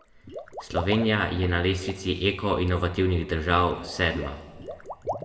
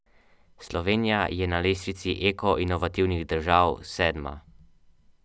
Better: second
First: background sound (Water / Liquid); 12 dB below the speech // room echo; dies away in 1.2 s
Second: none

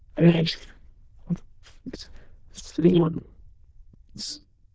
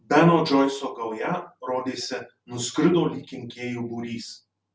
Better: second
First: noise reduction (neural diffusion model UNIVERSE++)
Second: none

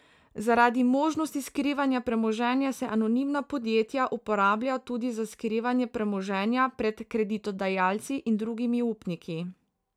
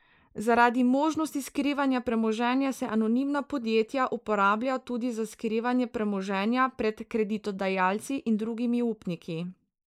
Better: first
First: none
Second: noise reduction (neural mask model Resemble Enhance denoiser)

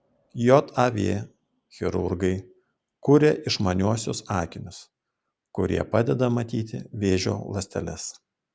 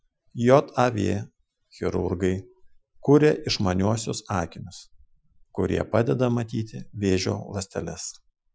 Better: first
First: none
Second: noise reduction (classical method Wiener filter)

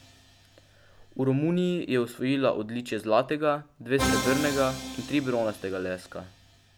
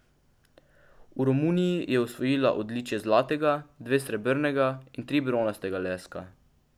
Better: second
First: background sound (Musical instrument); 8 dB below the speech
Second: none

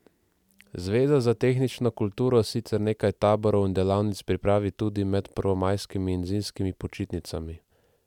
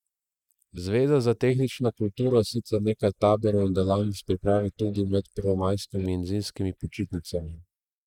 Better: first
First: none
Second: noise reduction (neural mask model Resemble Enhance denoiser)

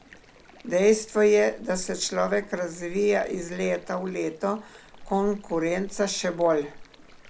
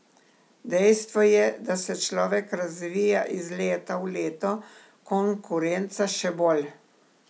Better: second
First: background sound (Stream); 19 dB below the speech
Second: none

